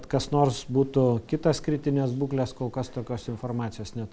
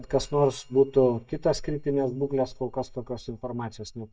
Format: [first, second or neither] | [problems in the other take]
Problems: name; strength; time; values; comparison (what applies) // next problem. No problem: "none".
first | noise reduction (neural mask model DeepFilterNet 3)